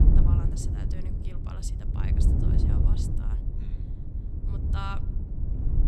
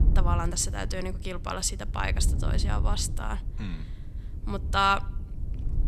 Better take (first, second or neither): second